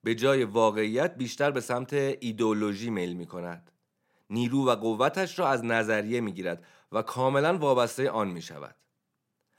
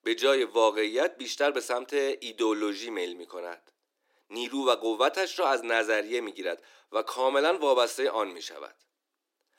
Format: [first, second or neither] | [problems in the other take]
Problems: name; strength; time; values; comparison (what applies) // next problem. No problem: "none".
first | thin; somewhat; fading below 300 Hz